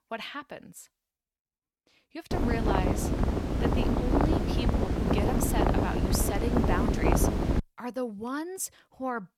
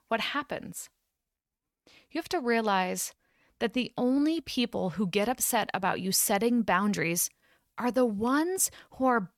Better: second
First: wind noise on the microphone; faint; from 2.5 to 7.5 s; 4 dB above the speech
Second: none

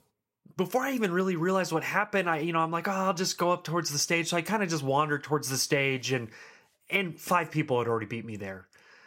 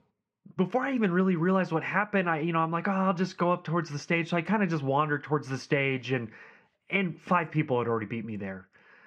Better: first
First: none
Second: muffled; very; fading above 2.5 kHz

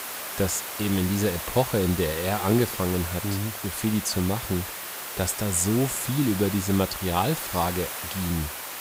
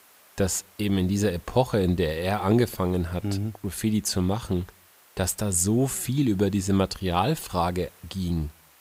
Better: second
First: hiss; loud; throughout; 6 dB below the speech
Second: hiss; faint; throughout; 25 dB below the speech

